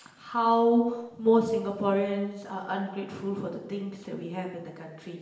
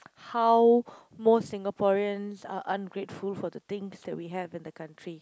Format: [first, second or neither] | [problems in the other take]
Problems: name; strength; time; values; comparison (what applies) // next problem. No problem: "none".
second | room echo; dies away in 0.9 s